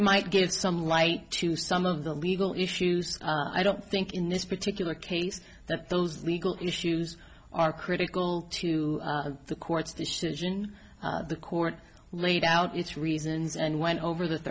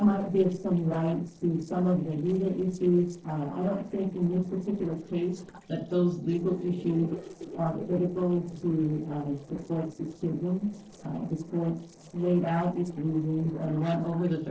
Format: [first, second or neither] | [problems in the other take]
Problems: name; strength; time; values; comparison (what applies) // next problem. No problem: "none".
first | noise reduction (neural separator model SepFormer DNS4)